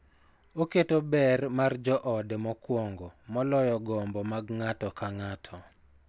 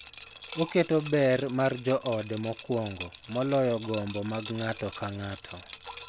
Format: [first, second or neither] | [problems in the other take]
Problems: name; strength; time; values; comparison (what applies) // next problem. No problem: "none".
first | background sound (Liquid); 15 dB below the speech